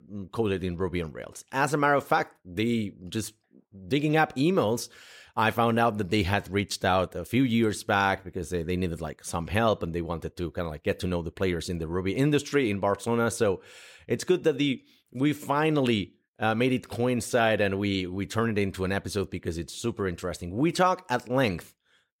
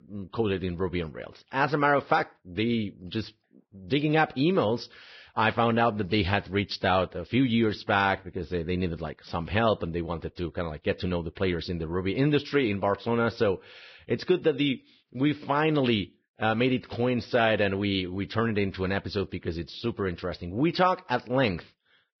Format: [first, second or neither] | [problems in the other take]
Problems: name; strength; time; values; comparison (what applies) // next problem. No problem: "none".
first | garbled, watery; badly; nothing above 5.5 kHz